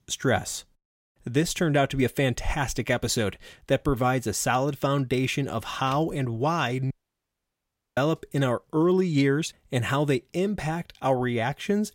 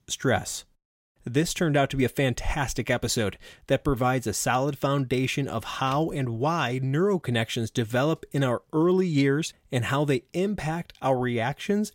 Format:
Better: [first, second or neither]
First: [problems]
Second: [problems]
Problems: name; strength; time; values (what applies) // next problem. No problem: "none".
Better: second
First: audio cutting out; at 7 s for 1 s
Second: none